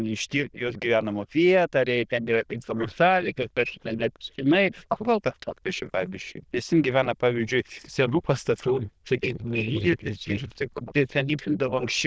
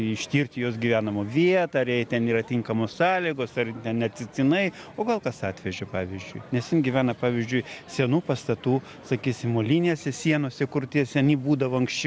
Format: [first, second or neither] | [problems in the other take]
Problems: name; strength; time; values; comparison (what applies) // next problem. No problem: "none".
second | noise reduction (neural diffusion model UNIVERSE++)